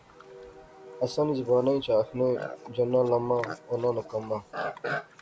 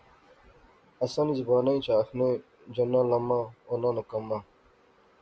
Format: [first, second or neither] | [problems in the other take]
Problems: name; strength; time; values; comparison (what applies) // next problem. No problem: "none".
second | background sound (Livestock, farm animals, working animals); 12 dB below the speech